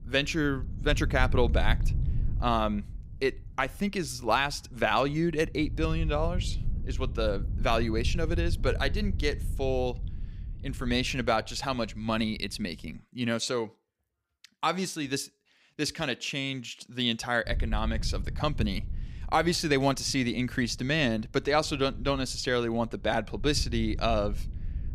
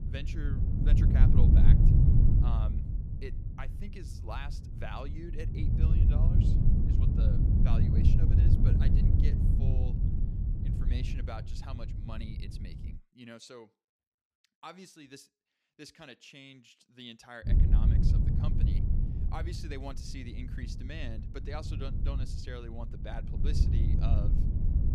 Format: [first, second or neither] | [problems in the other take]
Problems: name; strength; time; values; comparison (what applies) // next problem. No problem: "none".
first | wind noise on the microphone; heavy; until 13 s and from 17 s on; 4 dB above the speech; occasional gusts in the first